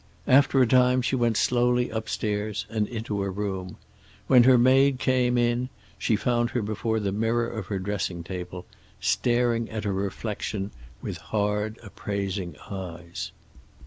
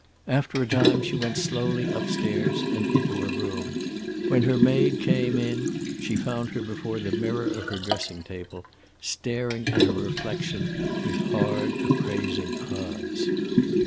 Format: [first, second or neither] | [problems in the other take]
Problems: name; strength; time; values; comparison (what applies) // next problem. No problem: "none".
first | background sound (Liquid); 3 dB above the speech